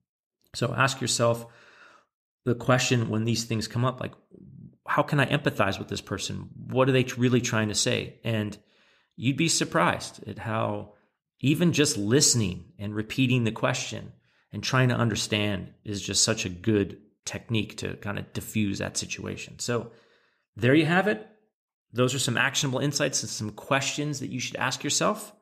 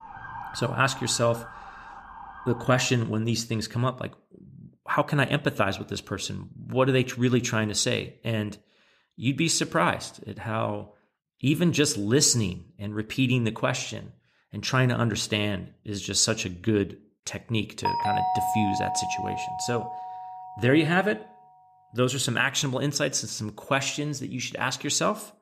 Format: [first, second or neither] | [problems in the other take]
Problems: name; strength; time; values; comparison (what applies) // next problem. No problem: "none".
first | siren; faint; until 3 s; peak 10 dB below the speech // doorbell; loud; from 18 to 21 s; peak 1 dB above the speech